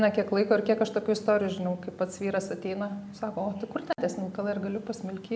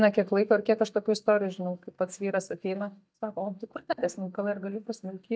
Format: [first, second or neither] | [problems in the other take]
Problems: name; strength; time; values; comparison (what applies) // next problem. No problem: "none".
first | noise reduction (neural mask model DeepFilterNet 3)